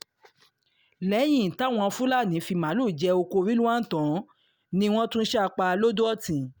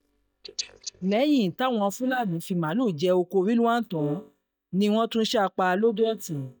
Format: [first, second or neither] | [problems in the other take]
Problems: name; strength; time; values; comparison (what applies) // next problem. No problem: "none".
first | noise reduction (neural mask model DeepFilterNet 3)